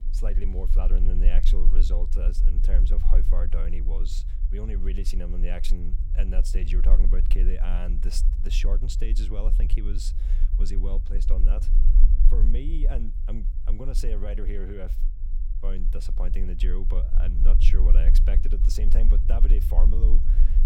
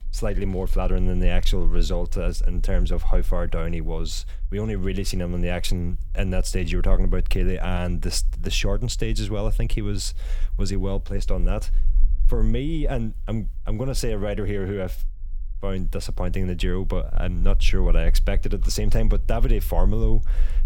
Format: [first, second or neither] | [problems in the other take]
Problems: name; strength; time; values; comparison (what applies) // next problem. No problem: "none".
second | low rumble; loud; throughout; 8 dB below the speech; faint in the second